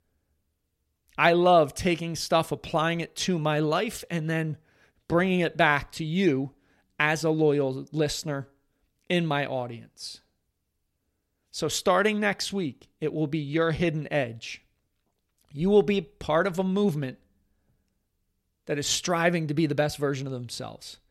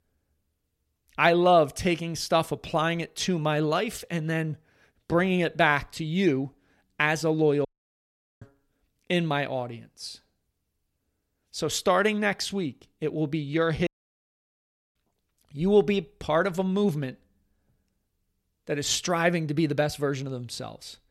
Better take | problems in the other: first | audio cutting out; at 7.5 s for 1 s and at 14 s for 1 s

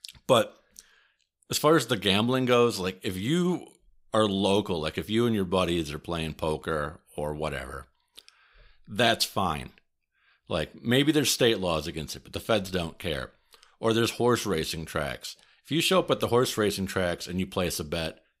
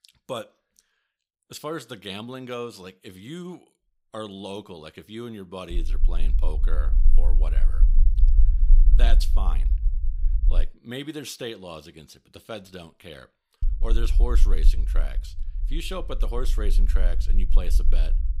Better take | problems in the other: first | low rumble; noticeable; from 5.5 to 11 s and from 14 s on; 15 dB below the speech

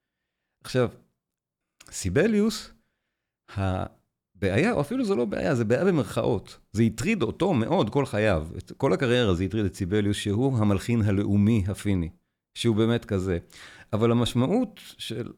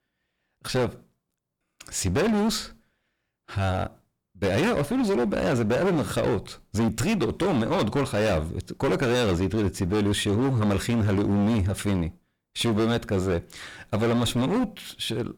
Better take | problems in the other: first | distortion; heavy; 20% of the sound clipped

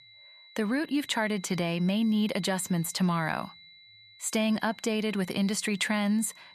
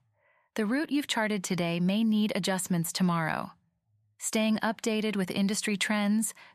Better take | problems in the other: second | high-pitched whine; faint; throughout; 4 kHz, 20 dB below the speech

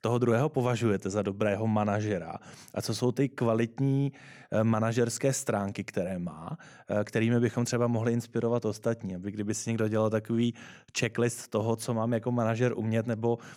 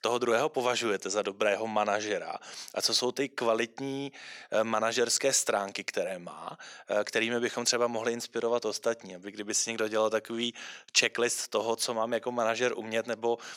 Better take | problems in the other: first | thin; somewhat; fading below 450 Hz

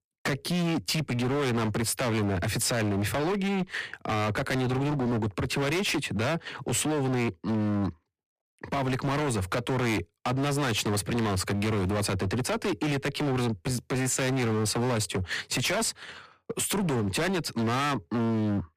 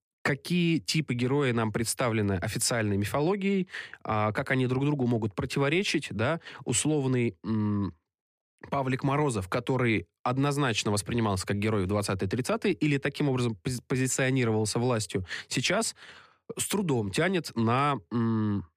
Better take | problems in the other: second | distortion; heavy; 34% of the sound clipped

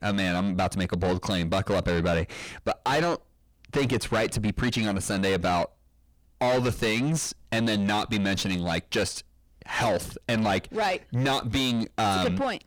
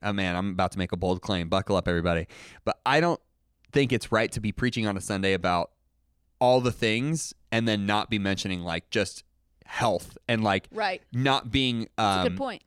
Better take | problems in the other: second | distortion; heavy; 5 dB below the speech

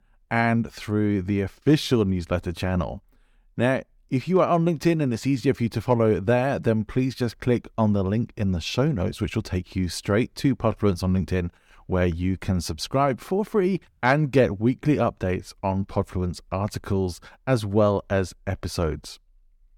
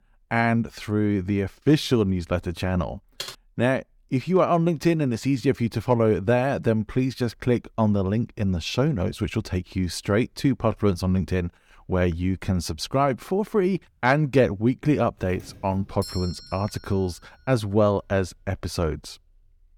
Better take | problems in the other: first | keyboard typing; faint; at 3 s; peak 10 dB below the speech // doorbell; faint; from 15 to 17 s; peak 10 dB below the speech

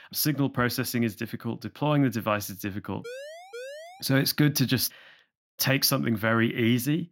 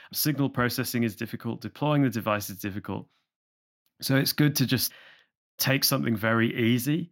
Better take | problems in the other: second | siren; faint; at 3 s; peak 15 dB below the speech

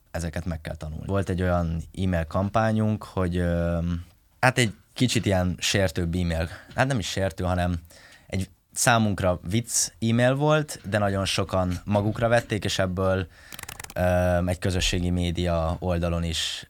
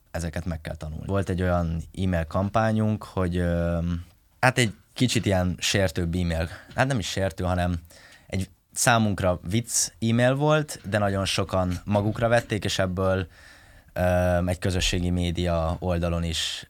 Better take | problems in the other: second | keyboard typing; faint; at 14 s; peak 10 dB below the speech

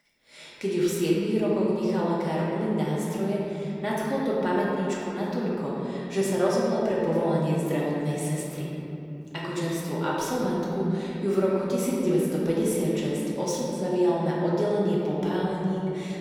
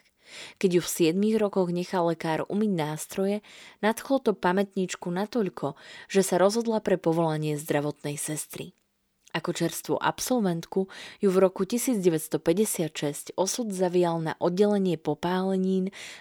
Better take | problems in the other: second | room echo; strong; dies away in 3 s // off-mic speech; far

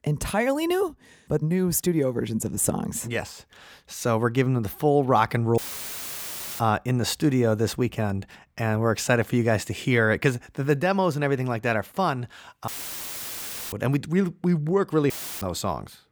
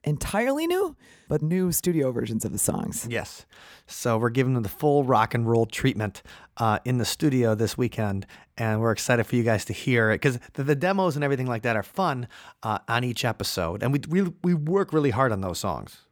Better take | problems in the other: second | audio cutting out; filled with static; at 5.5 s for 1 s, at 13 s for 1 s and at 15 s

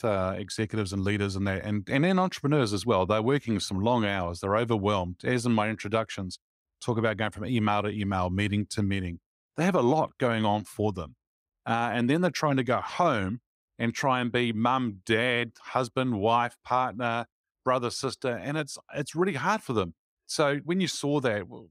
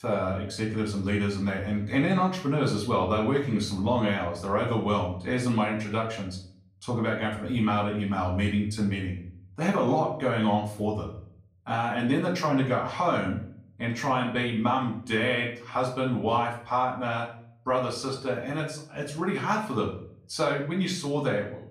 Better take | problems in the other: first | off-mic speech; far // room echo; slight; dies away in 0.5 s

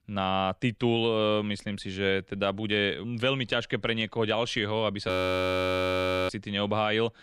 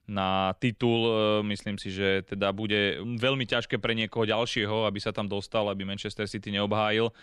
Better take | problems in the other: second | audio freezing; at 5 s for 1 s

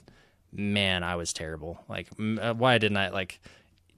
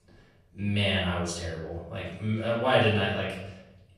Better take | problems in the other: first | off-mic speech; far // room echo; noticeable; dies away in 0.9 s

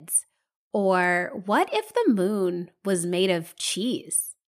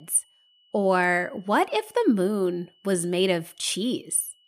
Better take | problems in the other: first | high-pitched whine; faint; throughout; 3 kHz, 35 dB below the speech

